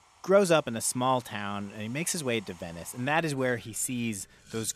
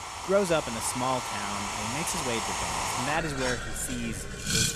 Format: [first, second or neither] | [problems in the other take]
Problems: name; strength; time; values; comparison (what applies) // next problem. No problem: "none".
first | household noises; loud; throughout; as loud as the speech; faint in the first